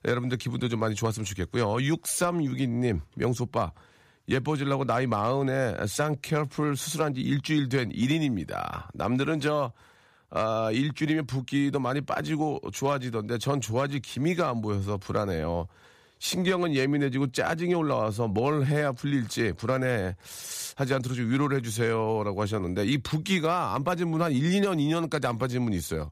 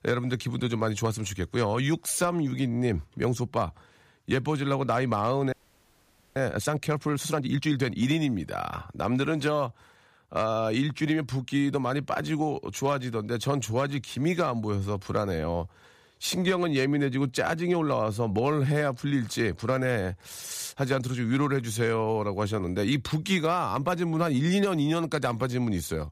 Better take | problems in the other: first | audio freezing; at 5.5 s for 1 s

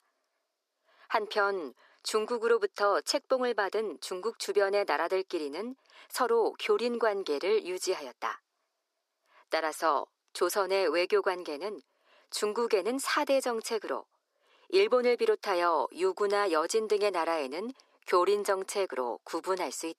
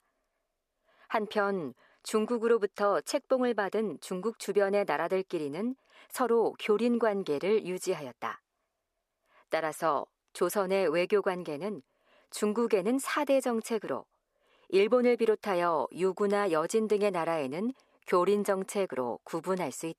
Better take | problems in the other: second | thin; somewhat; fading below 300 Hz

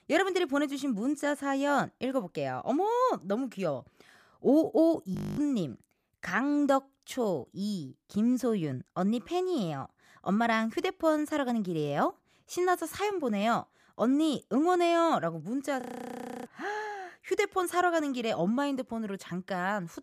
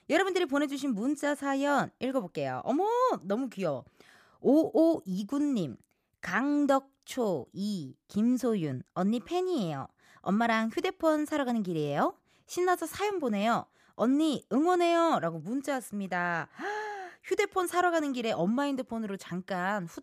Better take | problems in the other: second | audio freezing; at 5 s and at 16 s for 0.5 s

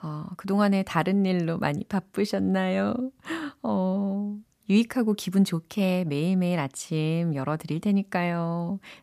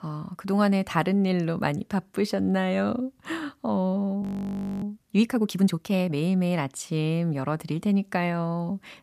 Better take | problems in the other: first | audio freezing; at 4 s for 0.5 s

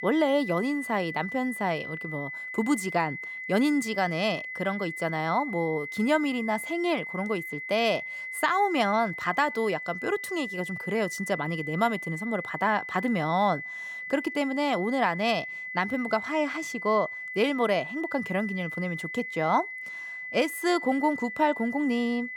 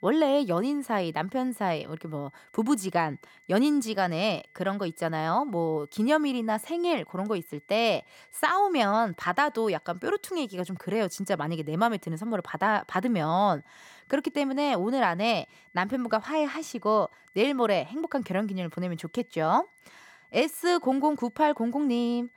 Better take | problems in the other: second | high-pitched whine; loud; throughout; 2 kHz, 7 dB below the speech; faint in the second

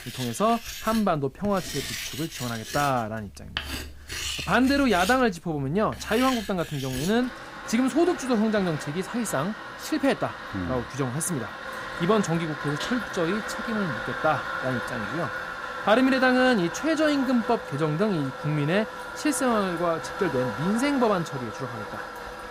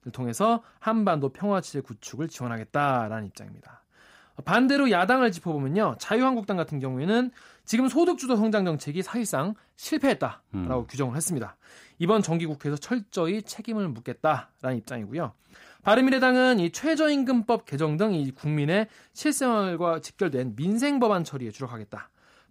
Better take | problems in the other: second | household noises; loud; throughout; 8 dB below the speech

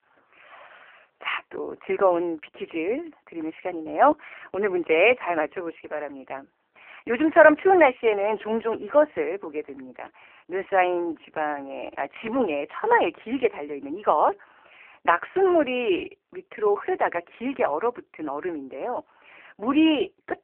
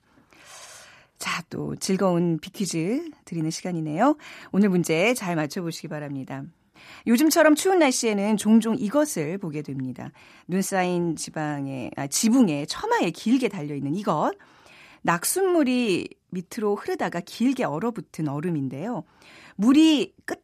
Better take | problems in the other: second | phone-call audio; poor line; nothing above 3 kHz

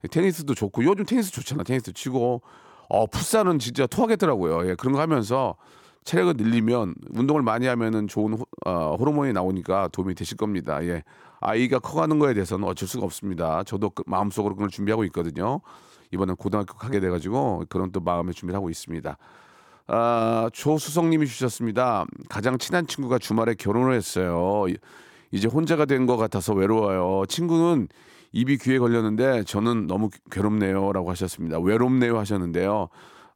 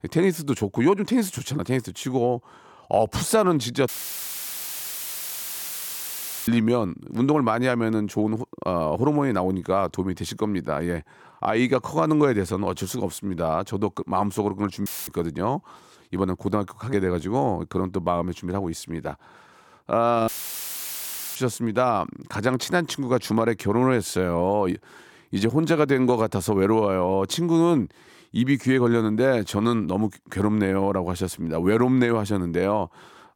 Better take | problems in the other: first | audio cutting out; filled with static; at 4 s for 2.5 s, at 15 s and at 20 s for 1 s

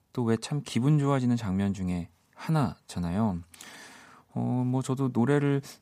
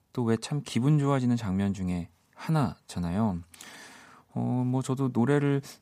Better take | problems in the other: neither | none

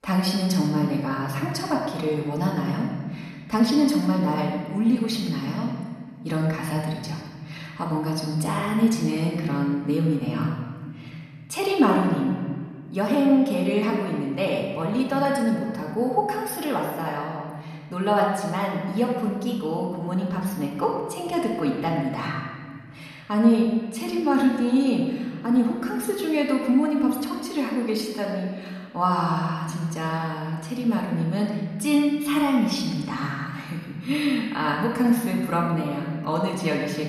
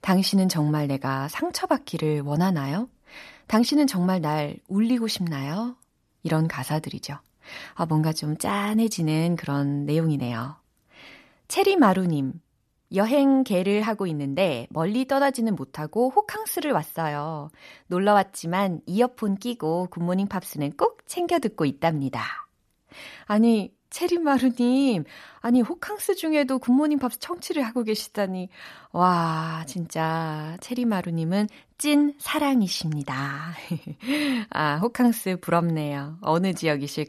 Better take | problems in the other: second | room echo; noticeable; dies away in 1.6 s // off-mic speech; far

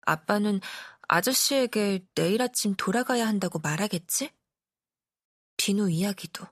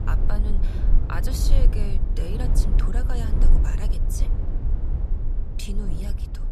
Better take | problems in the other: first | low rumble; loud; throughout; 3 dB below the speech

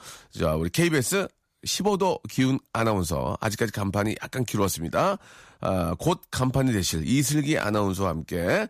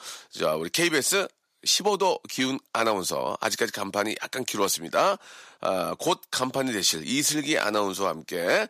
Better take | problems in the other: first | thin; somewhat; fading below 350 Hz

